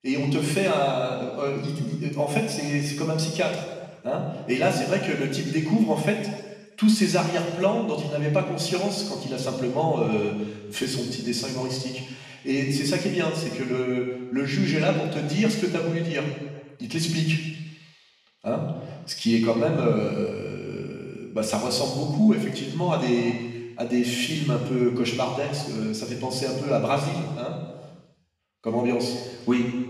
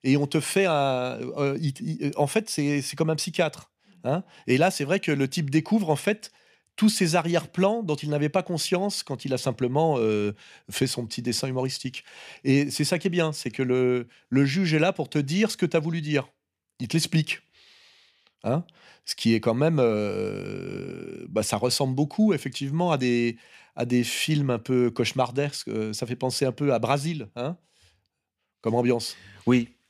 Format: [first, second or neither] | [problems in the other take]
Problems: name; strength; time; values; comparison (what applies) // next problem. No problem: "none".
second | room echo; noticeable; dies away in 1.2 s // off-mic speech; far